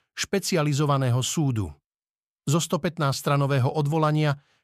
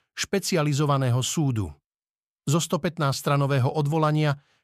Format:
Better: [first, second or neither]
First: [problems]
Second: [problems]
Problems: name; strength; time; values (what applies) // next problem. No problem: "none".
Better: neither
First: none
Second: none